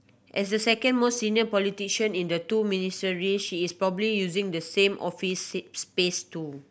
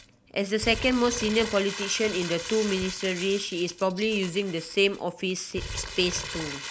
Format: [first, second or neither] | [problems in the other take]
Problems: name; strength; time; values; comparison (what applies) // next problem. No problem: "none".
first | background sound (Crumpling, crinkling); 11 dB below the speech